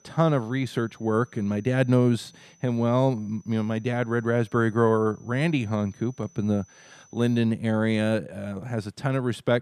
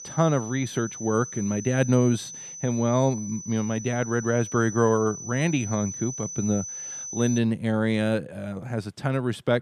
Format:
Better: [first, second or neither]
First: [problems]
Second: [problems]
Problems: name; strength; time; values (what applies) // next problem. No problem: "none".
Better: first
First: high-pitched whine; faint; until 7.5 s; 6 kHz, 30 dB below the speech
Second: high-pitched whine; loud; until 7.5 s; 6 kHz, 10 dB below the speech